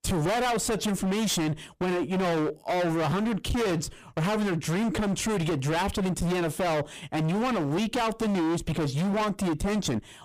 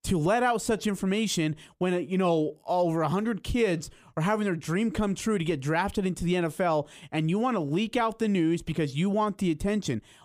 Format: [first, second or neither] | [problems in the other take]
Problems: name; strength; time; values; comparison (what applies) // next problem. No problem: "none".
second | distortion; heavy; 38% of the sound clipped